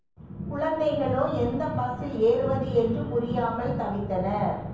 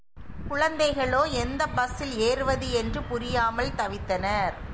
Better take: second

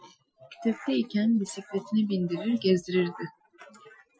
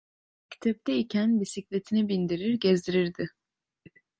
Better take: second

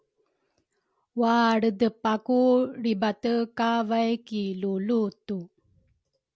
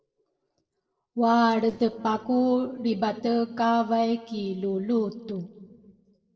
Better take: first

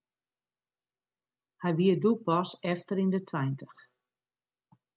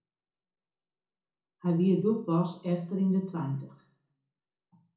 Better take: first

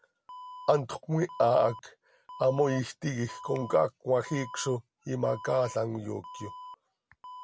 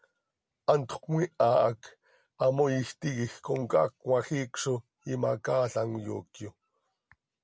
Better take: second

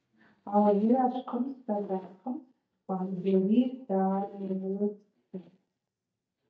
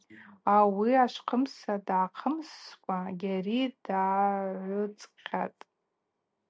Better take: second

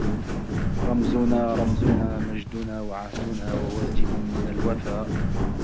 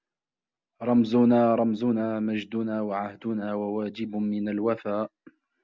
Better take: second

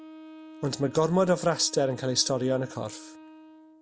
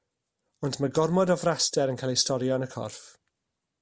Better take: second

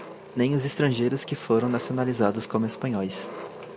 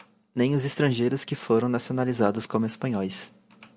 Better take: second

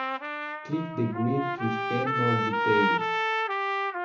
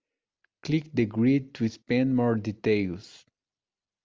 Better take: second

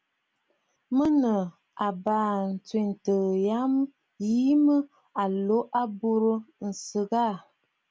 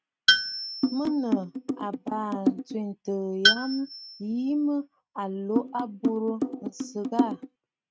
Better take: first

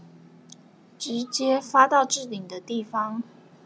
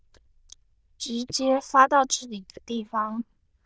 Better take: first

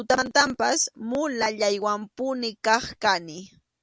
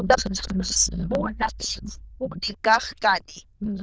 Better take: first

